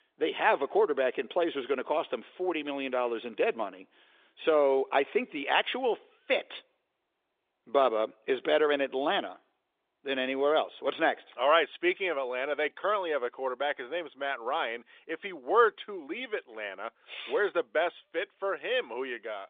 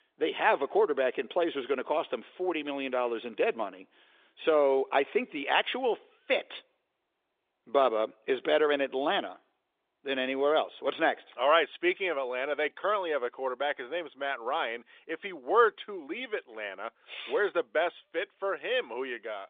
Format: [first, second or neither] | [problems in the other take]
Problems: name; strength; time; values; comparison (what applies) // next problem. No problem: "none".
neither | phone-call audio; nothing above 3 kHz; the same in both